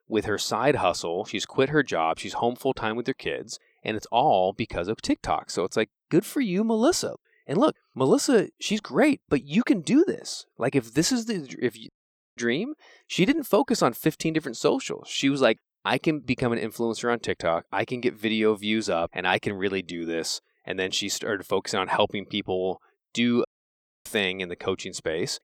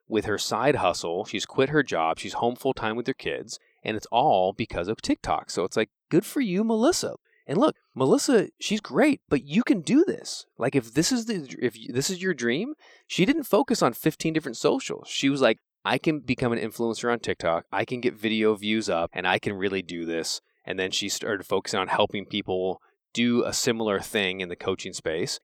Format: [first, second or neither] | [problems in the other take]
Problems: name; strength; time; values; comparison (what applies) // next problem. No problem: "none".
second | audio cutting out; at 12 s and at 23 s for 0.5 s